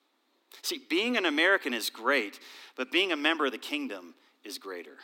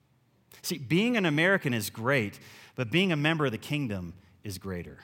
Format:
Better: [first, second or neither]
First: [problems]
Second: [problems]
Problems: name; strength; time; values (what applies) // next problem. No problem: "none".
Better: second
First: thin; somewhat; fading below 250 Hz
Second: none